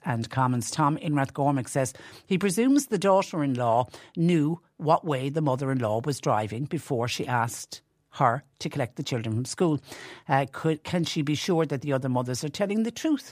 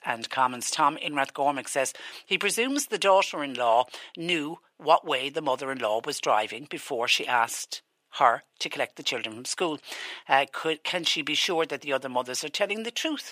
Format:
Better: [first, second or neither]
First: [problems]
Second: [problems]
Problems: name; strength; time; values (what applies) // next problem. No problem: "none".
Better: first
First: none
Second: thin; somewhat; fading below 500 Hz